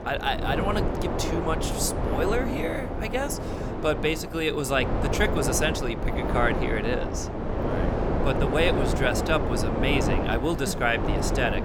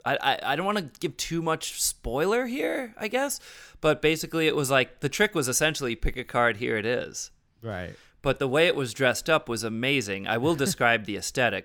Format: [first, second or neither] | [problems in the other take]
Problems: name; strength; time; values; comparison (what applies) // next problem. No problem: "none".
second | wind noise on the microphone; heavy; 3 dB below the speech